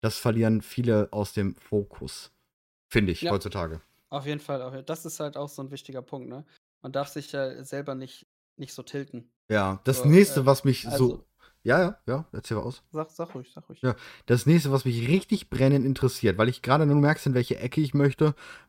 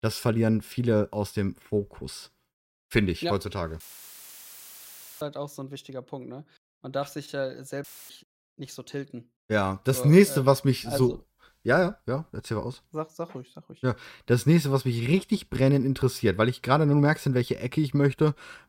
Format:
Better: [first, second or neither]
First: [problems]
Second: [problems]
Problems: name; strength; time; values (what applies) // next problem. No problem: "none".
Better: first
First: none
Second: audio cutting out; filled with static; at 4 s for 1.5 s and at 8 s